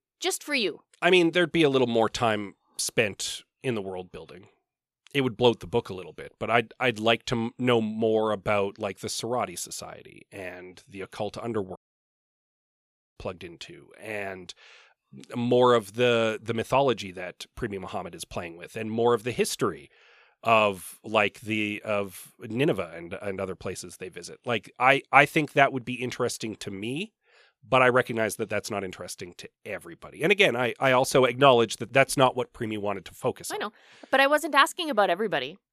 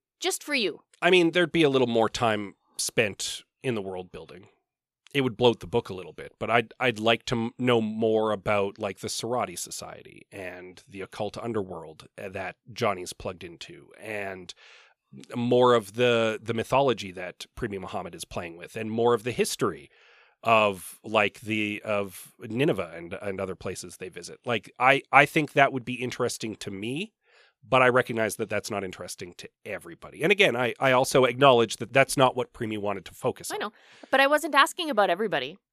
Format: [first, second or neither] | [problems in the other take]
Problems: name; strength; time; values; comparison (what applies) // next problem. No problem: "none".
second | audio cutting out; at 12 s for 1.5 s